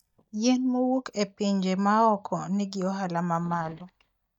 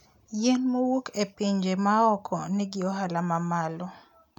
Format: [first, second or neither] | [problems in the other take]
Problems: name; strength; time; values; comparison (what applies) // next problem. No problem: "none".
second | noise reduction (neural mask model DeepFilterNet 3)